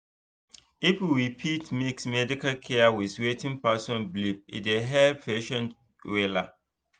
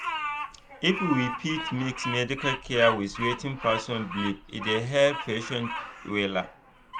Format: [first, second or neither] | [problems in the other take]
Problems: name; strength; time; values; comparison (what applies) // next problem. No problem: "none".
first | background sound (Bird vocalization, bird call, bird song); 7 dB below the speech